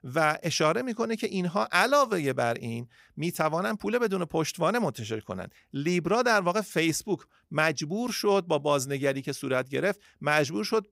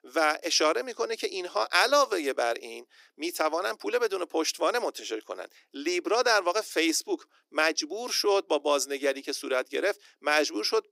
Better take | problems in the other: first | thin; somewhat; fading below 300 Hz

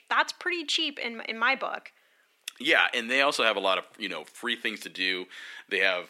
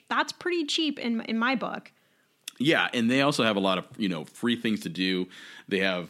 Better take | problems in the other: second | thin; very; fading below 550 Hz

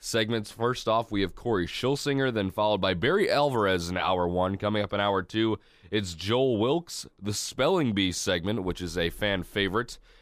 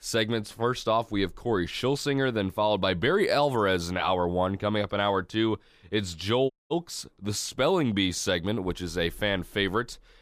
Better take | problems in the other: first | audio cutting out; at 6.5 s

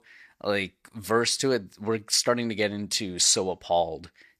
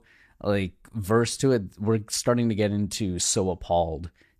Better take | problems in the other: second | thin; very slightly; fading below 450 Hz

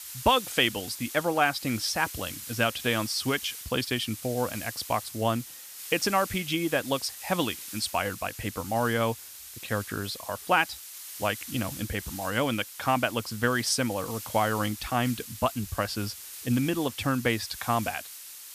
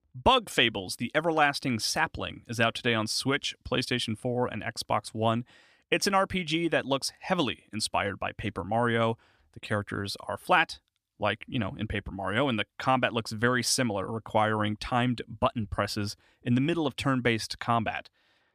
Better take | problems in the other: second | hiss; noticeable; throughout; 10 dB below the speech

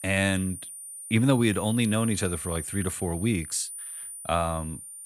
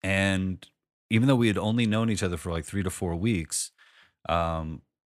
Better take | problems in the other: second | high-pitched whine; loud; throughout; 9.5 kHz, 9 dB below the speech

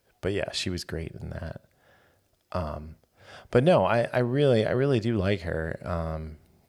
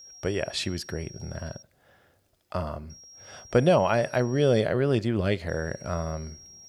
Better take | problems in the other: first | high-pitched whine; noticeable; until 1.5 s, from 3 to 4.5 s and from 5.5 s on; 5.5 kHz, 20 dB below the speech

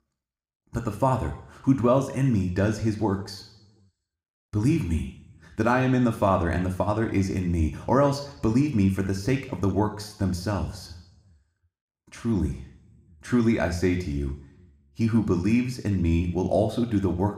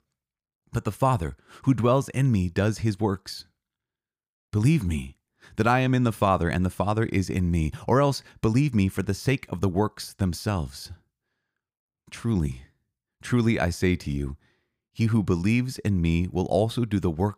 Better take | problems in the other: second | room echo; slight; dies away in 0.7 s

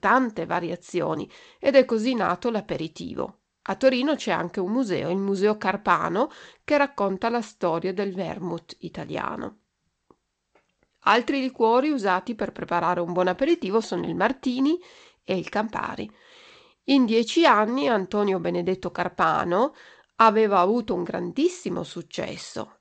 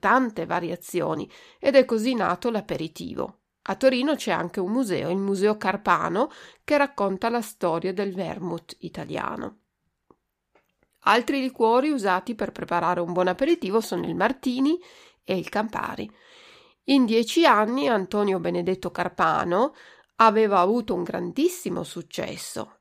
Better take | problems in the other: second | garbled, watery; slightly; nothing above 8 kHz

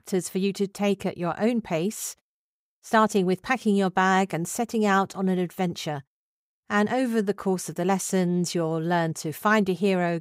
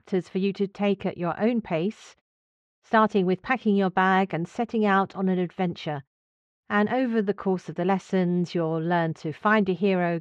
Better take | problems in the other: first | muffled; slightly; fading above 3.5 kHz

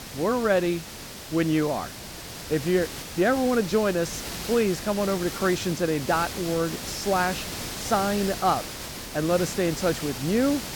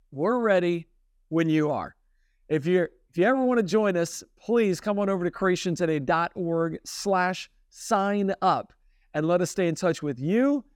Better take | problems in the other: second | hiss; loud; throughout; 8 dB below the speech

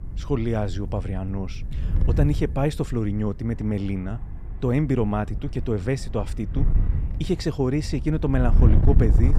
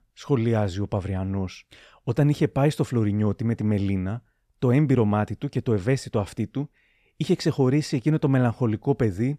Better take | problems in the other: second | wind noise on the microphone; occasional gusts; 10 dB below the speech

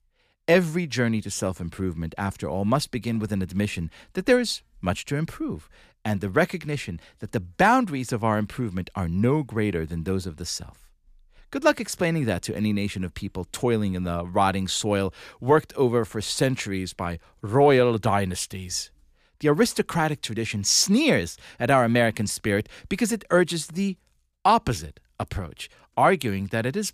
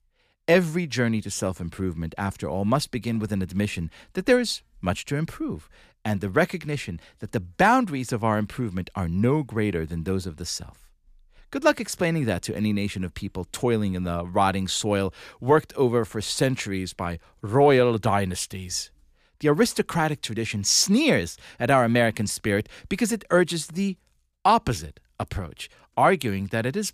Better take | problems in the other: neither | none

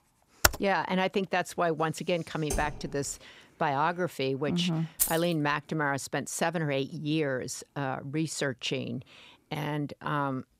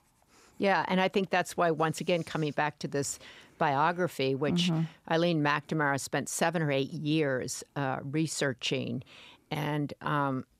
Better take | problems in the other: second | keyboard typing; very faint; at 0.5 s; peak 5 dB above the speech // keyboard typing; noticeable; at 2.5 s; peak 6 dB below the speech // jangling keys; loud; at 5 s; peak 2 dB above the speech

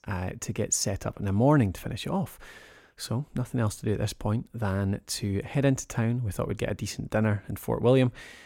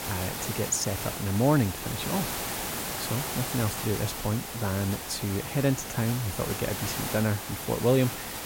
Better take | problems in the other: first | hiss; loud; throughout; 4 dB below the speech

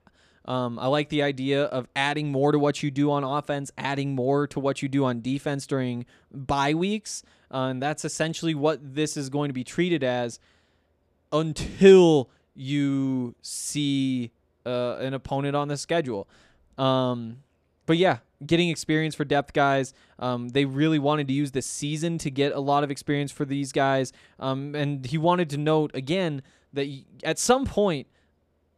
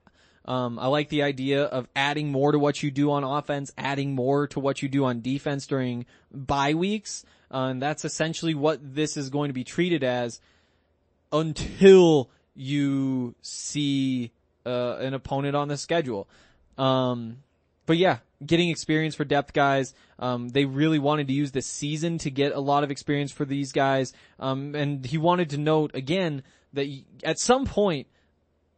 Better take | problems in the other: first | garbled, watery; slightly; nothing above 8 kHz

